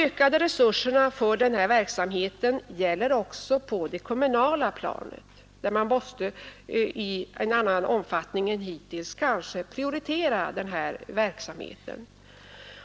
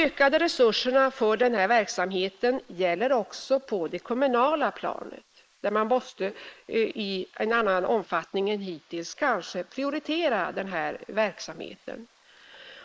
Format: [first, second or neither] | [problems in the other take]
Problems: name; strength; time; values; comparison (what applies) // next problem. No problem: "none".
first | noise reduction (neural mask model Resemble Enhance denoiser)